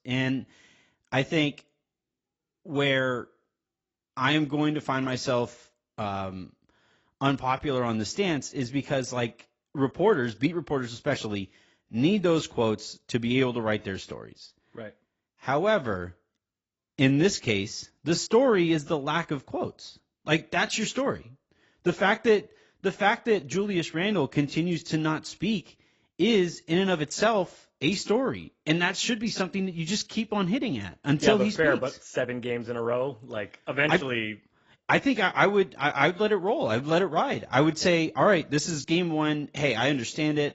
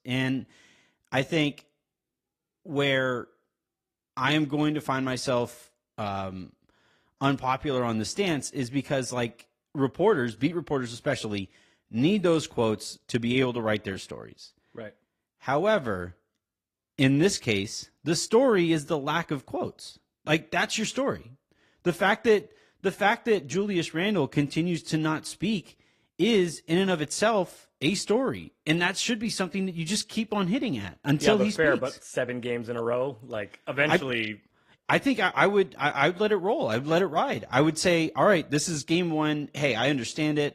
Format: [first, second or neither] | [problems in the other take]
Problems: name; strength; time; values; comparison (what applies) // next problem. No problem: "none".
second | garbled, watery; badly; nothing above 7.5 kHz; slightly in the second